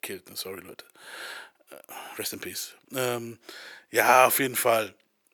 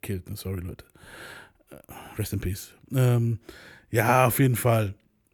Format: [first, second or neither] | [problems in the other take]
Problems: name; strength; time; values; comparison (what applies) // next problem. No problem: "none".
second | thin; very; fading below 500 Hz